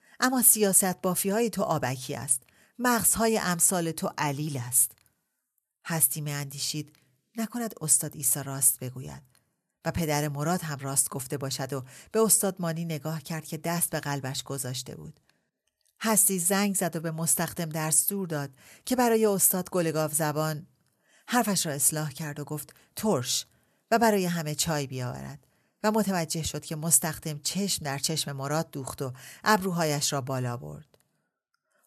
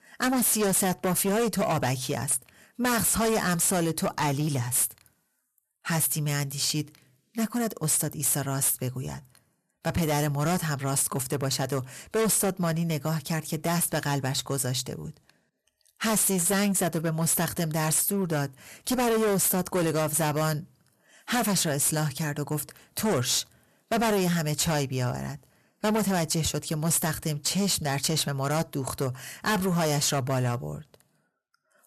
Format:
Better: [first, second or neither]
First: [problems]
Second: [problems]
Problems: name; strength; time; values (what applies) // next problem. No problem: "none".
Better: first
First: none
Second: distortion; heavy; 16% of the sound clipped